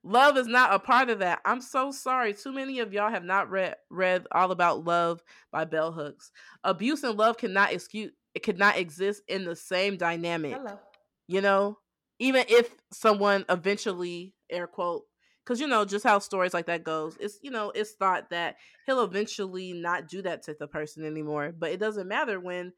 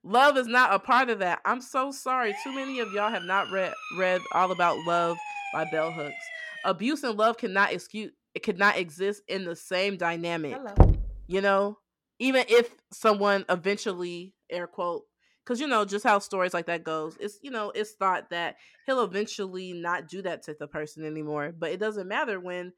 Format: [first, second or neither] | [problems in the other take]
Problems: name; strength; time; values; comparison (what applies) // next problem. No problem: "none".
first | siren; noticeable; from 2 to 6.5 s; peak 7 dB below the speech // door banging; loud; at 11 s; peak 5 dB above the speech